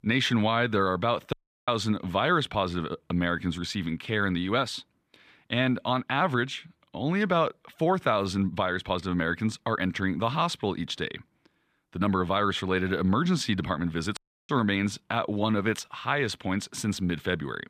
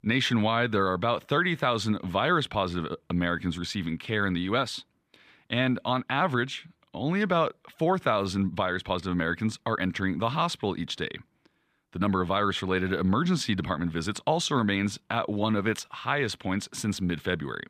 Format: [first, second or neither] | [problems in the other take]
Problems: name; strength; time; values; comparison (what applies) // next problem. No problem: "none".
second | audio cutting out; at 1.5 s and at 14 s